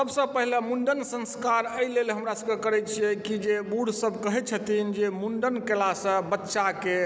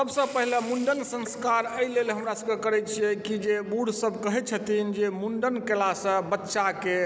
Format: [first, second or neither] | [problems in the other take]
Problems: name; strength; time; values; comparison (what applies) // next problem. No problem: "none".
first | background sound (Sink (filling or washing) / Water tap, faucet); 18 dB below the speech